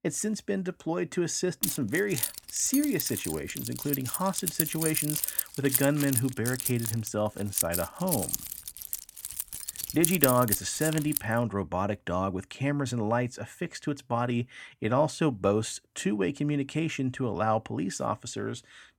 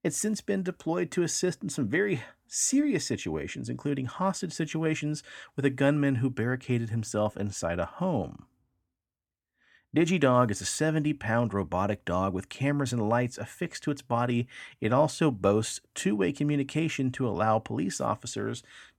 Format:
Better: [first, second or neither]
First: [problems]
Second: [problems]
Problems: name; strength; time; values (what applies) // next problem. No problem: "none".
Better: second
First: jangling keys; loud; from 1.5 to 11 s; peak 5 dB above the speech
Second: none